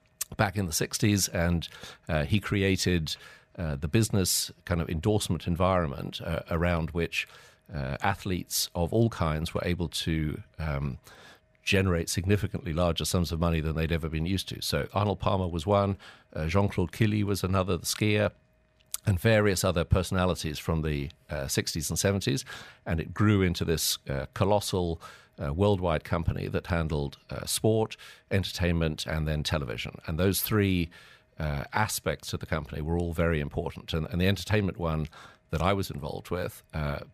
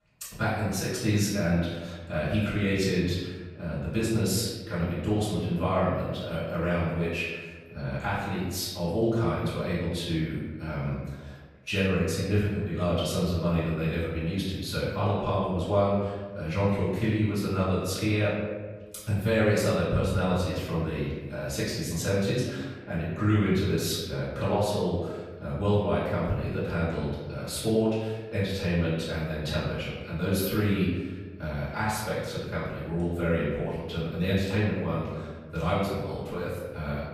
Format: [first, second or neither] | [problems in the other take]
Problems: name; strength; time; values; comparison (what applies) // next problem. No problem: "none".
first | off-mic speech; far // room echo; noticeable; dies away in 1.3 s